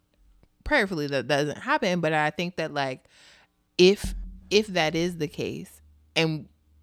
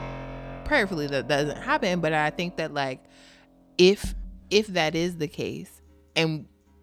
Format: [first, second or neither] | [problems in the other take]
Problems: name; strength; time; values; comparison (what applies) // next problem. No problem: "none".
first | background music; noticeable; throughout; 15 dB below the speech